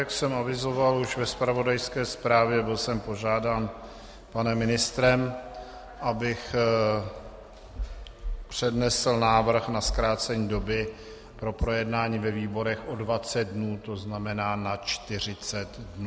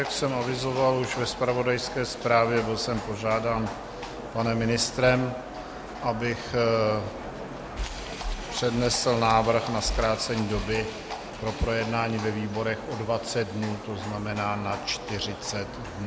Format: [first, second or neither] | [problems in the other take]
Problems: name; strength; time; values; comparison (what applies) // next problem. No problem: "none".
first | background sound (Livestock, farm animals, working animals); 11 dB below the speech